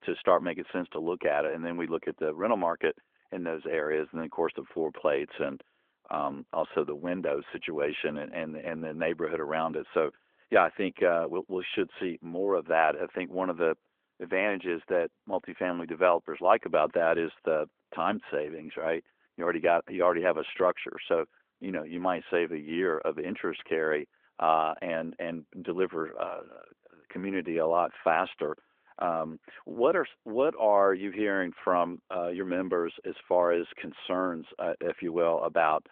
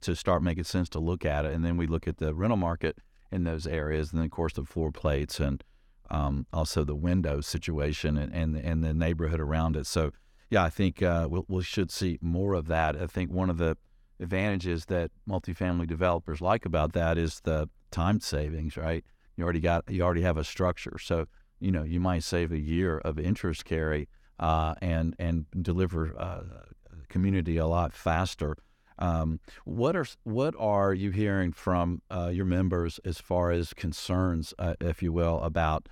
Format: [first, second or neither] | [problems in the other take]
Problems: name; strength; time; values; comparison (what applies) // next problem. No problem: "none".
second | phone-call audio; nothing above 3.5 kHz